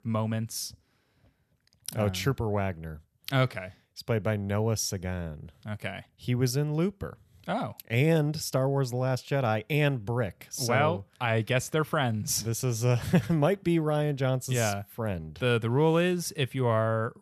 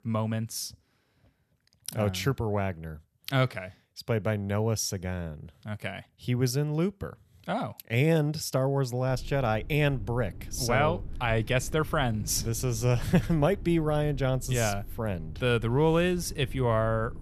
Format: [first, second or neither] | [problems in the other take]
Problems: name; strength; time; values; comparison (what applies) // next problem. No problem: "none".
first | low rumble; faint; from 9 s on; 25 dB below the speech